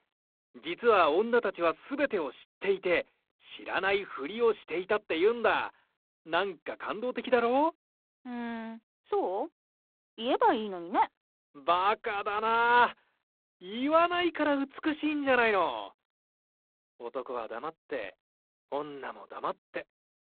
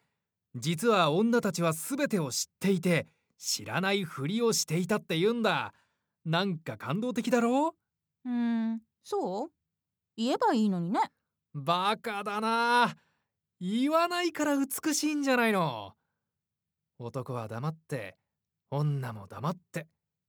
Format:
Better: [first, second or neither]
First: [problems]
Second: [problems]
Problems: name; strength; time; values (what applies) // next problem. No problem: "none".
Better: second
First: phone-call audio; poor line; nothing above 4 kHz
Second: none